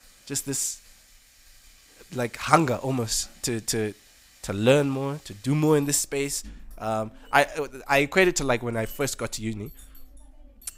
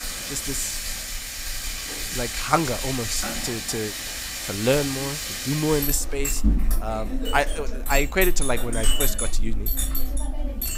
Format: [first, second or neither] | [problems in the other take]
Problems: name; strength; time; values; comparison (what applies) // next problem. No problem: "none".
first | household noises; loud; throughout; 1 dB below the speech; faint in the first